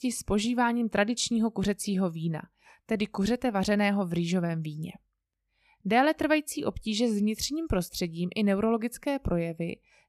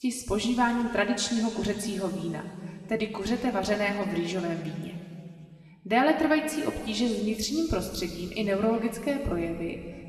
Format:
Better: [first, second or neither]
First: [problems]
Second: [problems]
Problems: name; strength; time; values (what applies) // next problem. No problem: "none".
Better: first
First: none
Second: room echo; noticeable; dies away in 2.4 s // off-mic speech; somewhat distant